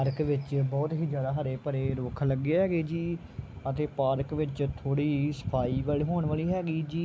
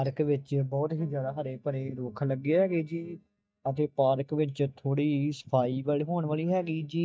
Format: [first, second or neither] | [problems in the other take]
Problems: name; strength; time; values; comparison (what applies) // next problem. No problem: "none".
first | noise reduction (neural mask model DeepFilterNet 3)